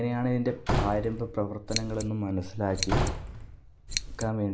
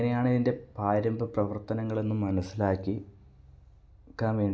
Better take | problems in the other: second | background sound (Scissors + Slam / Wood); 2 dB below the speech

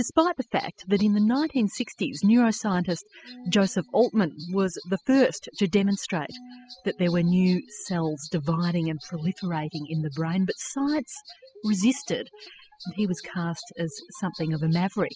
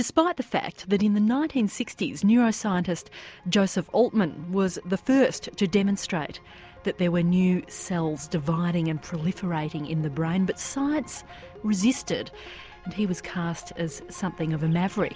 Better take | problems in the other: second | noise reduction (classical method spectral subtraction)

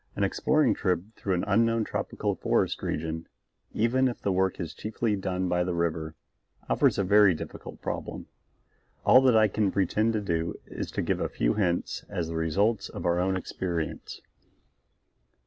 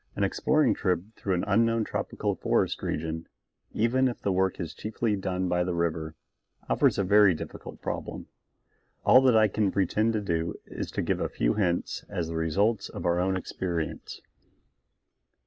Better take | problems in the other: first | noise reduction (neural mask model Resemble Enhance denoiser)

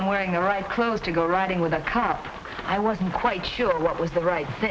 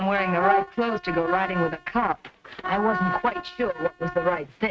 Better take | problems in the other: first | noise reduction (neural mask model RNNoise)

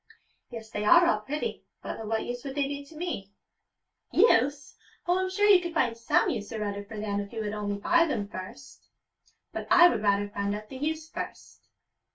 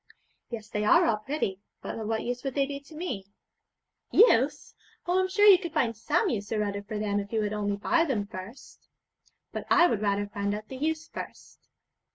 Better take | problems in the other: second | room echo; dies away in 0.2 s

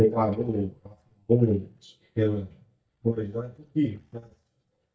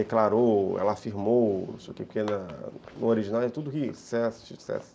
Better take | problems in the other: second | noise reduction (neural mask model DeepFilterNet 3)

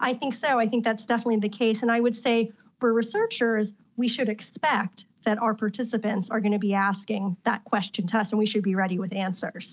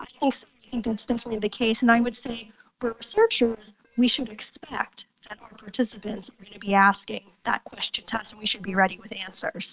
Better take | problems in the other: first | noise reduction (neural separator model SepFormer WHAM!)

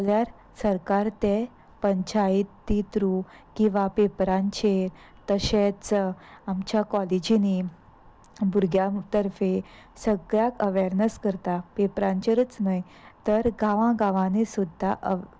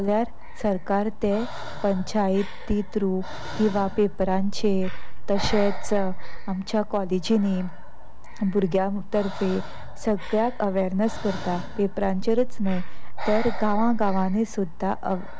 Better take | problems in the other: first | background sound (Breathing); 1 dB below the speech

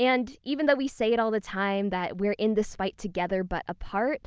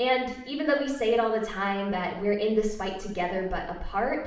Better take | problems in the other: first | room echo; dies away in 0.7 s

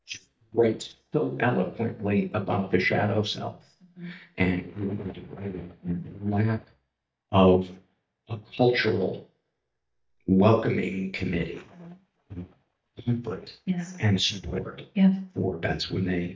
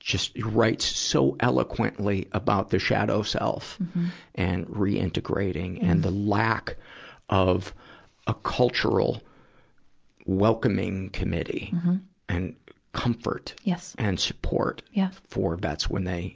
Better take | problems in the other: second | noise reduction (neural mask model DeepFilterNet 3)

